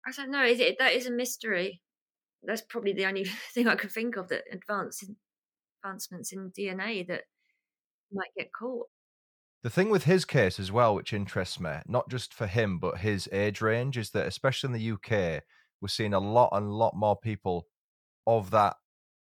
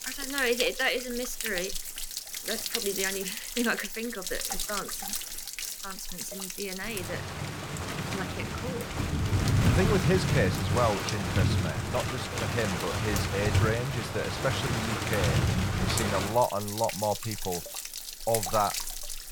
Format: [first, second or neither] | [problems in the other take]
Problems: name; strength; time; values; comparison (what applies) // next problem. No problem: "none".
first | rain or running water; very loud; throughout; 1 dB above the speech